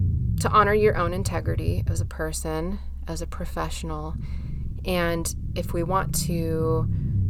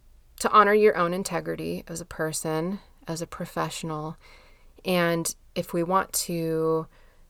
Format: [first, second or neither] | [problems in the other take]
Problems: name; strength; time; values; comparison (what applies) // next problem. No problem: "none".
second | low rumble; noticeable; throughout; 15 dB below the speech